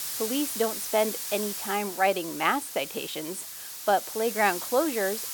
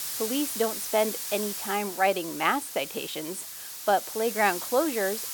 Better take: neither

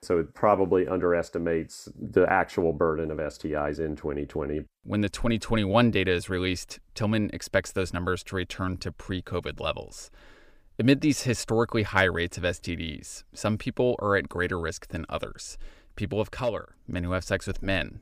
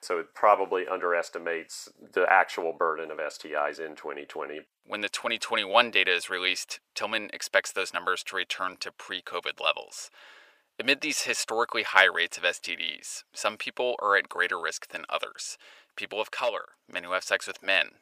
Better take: first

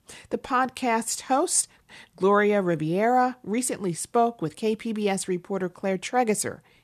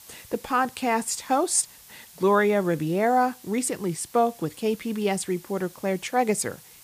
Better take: first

